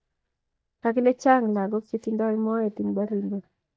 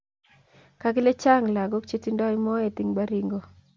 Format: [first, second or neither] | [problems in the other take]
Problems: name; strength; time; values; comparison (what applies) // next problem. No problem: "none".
second | noise reduction (neural mask model DeepFilterNet 3)